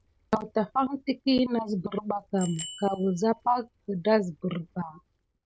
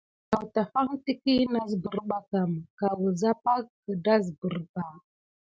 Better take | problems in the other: second | background sound (Bicycle bell); 20 dB below the speech

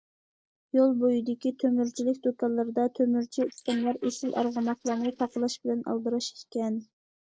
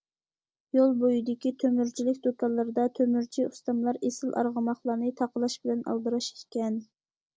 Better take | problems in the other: second | noise reduction (neural mask model Resemble Enhance denoiser)

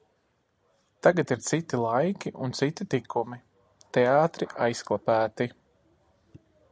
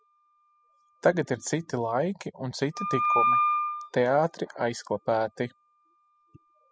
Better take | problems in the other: first | noise reduction (classical method spectral subtraction)

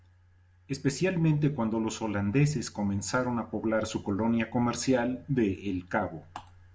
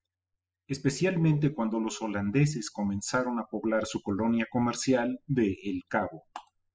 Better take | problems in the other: first | noise reduction (classical method spectral subtraction)

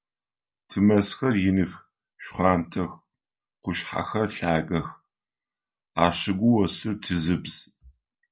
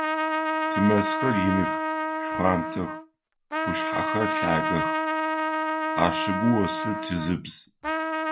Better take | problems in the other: first | background sound (Trumpet); 1 dB above the speech

